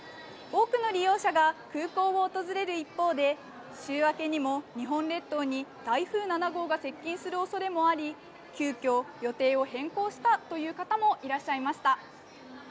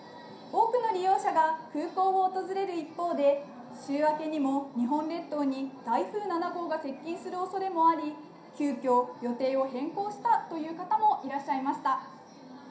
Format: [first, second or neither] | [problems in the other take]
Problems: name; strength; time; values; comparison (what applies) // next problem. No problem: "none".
first | room echo; dies away in 0.5 s